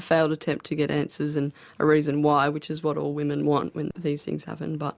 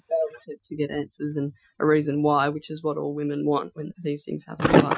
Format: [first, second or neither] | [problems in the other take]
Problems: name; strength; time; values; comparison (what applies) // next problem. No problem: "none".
first | noise reduction (classical method Wiener filter)